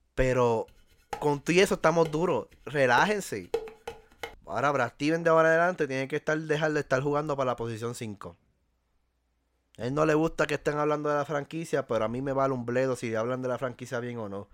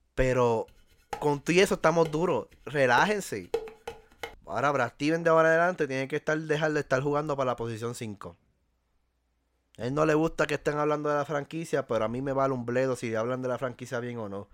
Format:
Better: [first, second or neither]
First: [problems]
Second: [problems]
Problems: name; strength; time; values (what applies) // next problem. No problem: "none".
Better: neither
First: clattering dishes; noticeable; from 1 to 4.5 s; peak 8 dB below the speech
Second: clattering dishes; noticeable; from 1 to 4.5 s; peak 8 dB below the speech